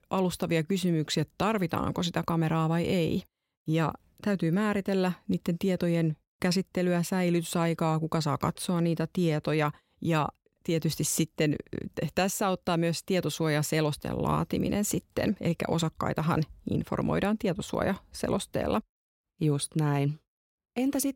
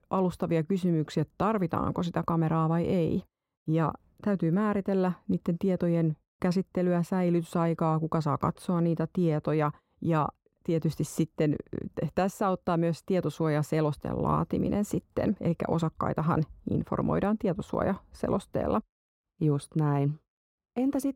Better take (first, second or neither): first